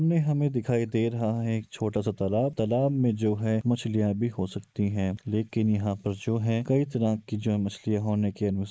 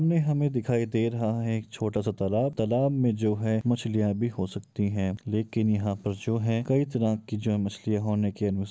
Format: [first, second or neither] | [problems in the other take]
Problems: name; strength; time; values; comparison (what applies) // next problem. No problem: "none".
second | noise reduction (neural mask model Resemble Enhance denoiser)